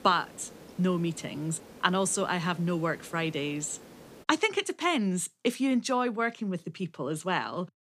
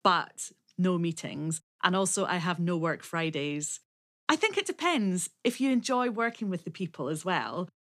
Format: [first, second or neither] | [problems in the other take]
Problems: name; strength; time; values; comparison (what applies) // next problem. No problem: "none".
second | hiss; faint; until 4 s; 20 dB below the speech